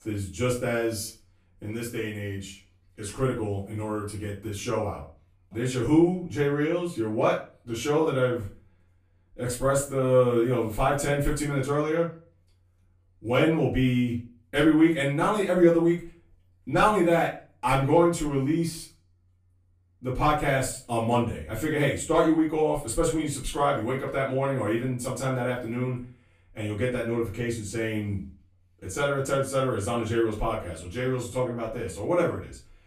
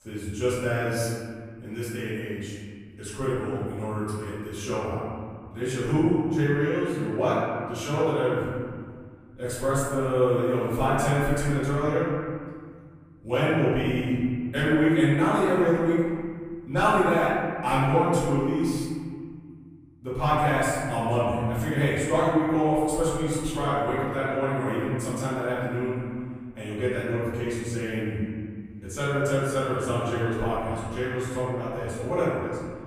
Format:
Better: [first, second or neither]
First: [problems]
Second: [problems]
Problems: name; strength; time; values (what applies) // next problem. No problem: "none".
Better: first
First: room echo; slight; dies away in 0.3 s // off-mic speech; far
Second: room echo; strong; dies away in 2 s // off-mic speech; far